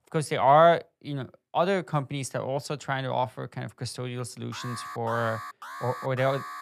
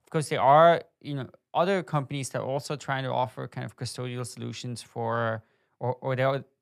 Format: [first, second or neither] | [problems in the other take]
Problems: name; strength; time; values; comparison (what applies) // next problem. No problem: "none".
second | alarm; faint; from 4.5 s on; peak 10 dB below the speech